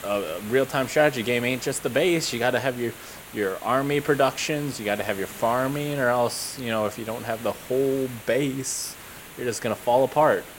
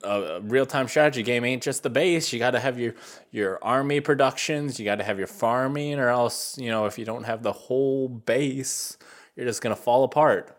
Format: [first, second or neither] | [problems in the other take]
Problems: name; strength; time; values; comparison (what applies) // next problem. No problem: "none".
second | hiss; noticeable; throughout; 15 dB below the speech